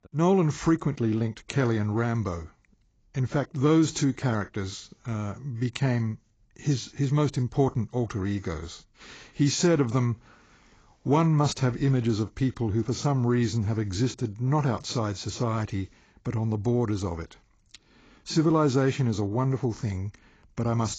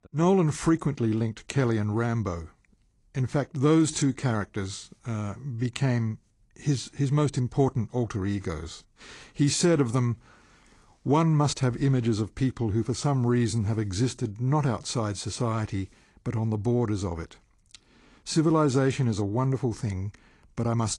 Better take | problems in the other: second | garbled, watery; badly; nothing above 7.5 kHz; slightly in the second

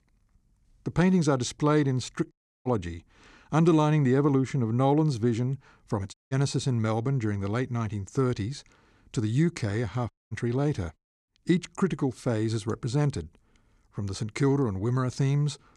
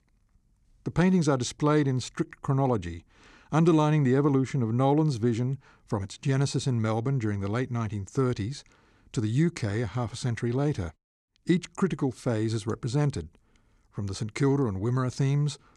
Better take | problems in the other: second | audio cutting out; at 2.5 s, at 6 s and at 10 s

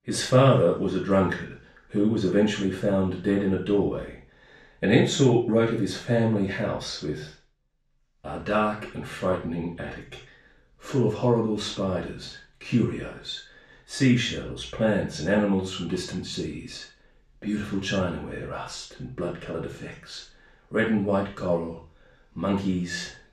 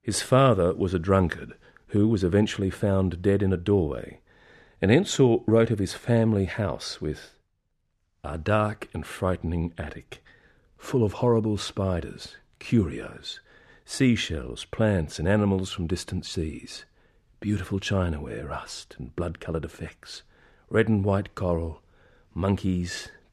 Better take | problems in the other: second | room echo; noticeable; dies away in 0.3 s // off-mic speech; far

